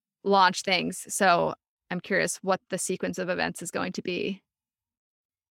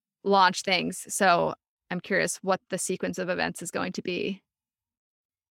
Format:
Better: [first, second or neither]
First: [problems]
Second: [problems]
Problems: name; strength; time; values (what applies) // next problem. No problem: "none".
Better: neither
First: none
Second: none